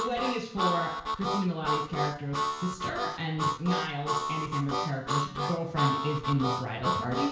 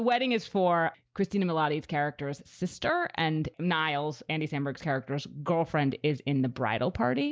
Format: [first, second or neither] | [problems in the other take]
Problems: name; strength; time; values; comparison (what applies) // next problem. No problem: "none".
second | background sound (Harmonica); as loud as the speech // room echo; dies away in 0.5 s